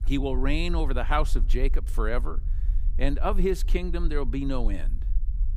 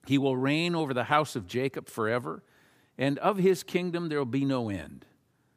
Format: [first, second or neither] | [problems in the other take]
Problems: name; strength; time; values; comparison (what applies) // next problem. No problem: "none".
second | low rumble; faint; throughout; 20 dB below the speech